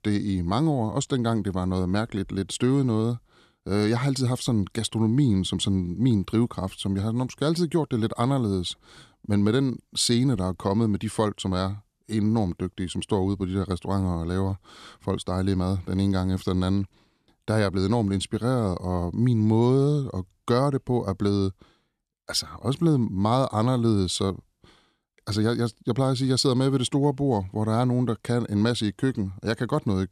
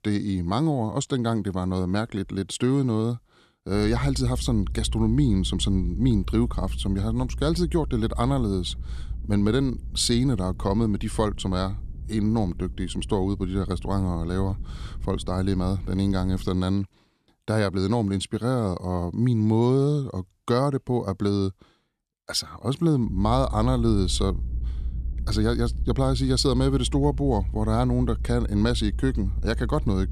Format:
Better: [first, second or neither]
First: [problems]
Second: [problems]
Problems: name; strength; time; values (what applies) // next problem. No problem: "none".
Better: first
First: none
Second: low rumble; faint; from 4 to 17 s and from 23 s on; 25 dB below the speech